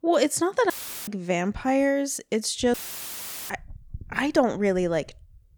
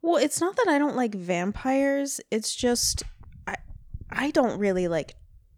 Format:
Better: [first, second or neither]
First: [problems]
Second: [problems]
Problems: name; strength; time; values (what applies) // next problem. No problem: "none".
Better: second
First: audio cutting out; filled with static; at 0.5 s and at 2.5 s for 1 s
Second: none